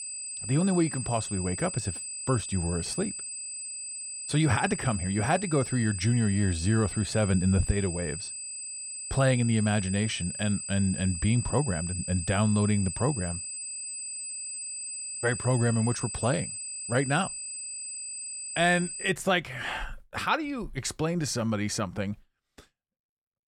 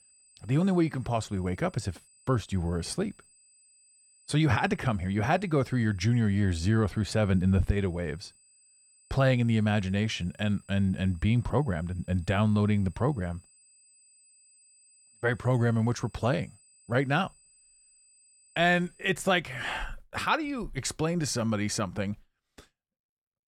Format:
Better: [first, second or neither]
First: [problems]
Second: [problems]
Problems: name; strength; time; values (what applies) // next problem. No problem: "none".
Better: second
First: high-pitched whine; loud; until 19 s; 8 kHz, 6 dB below the speech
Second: high-pitched whine; faint; until 19 s; 8 kHz, 30 dB below the speech